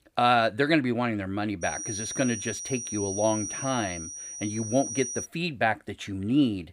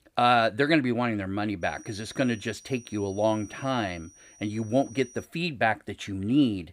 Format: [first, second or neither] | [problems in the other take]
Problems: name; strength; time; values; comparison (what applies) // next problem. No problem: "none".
second | high-pitched whine; loud; from 1.5 to 5.5 s; 6 kHz, 6 dB below the speech; faint in the second